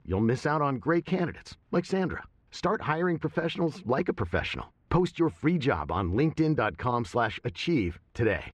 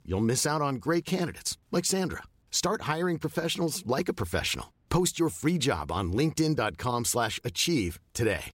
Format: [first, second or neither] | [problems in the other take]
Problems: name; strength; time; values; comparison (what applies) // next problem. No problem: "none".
second | muffled; very; fading above 2 kHz